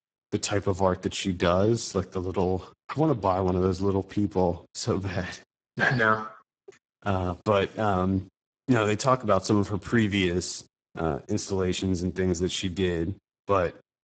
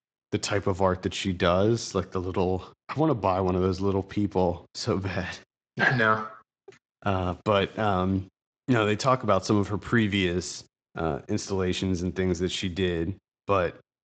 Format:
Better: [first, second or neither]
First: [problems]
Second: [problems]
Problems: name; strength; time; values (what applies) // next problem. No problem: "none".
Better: second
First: garbled, watery; badly; nothing above 8 kHz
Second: garbled, watery; slightly; nothing above 8 kHz